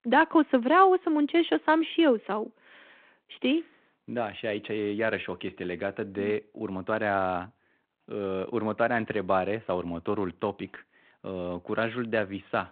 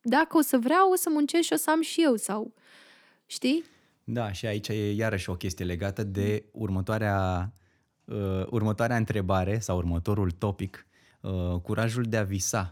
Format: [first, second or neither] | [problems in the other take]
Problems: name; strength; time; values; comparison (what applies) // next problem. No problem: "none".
second | phone-call audio